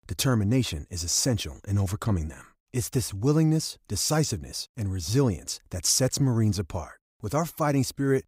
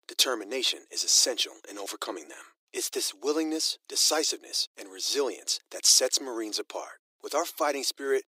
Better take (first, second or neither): first